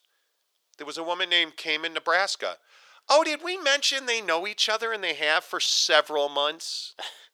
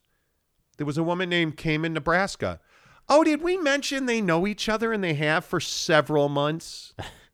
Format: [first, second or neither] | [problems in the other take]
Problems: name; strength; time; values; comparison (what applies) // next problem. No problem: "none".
second | thin; very; fading below 500 Hz